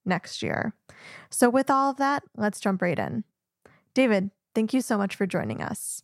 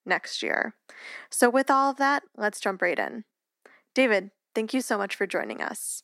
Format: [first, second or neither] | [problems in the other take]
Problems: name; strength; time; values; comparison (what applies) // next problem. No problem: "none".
first | thin; very slightly; fading below 250 Hz